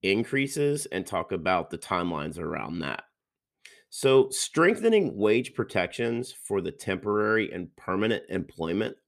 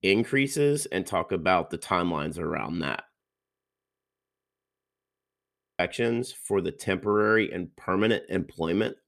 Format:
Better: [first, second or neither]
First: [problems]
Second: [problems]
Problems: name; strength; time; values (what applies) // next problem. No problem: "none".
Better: first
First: none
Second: audio freezing; at 3 s for 2.5 s